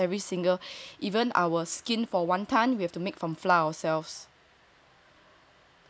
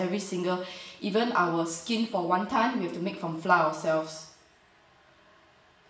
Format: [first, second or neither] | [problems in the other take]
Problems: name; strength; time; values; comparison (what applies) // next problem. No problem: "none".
first | room echo; dies away in 0.7 s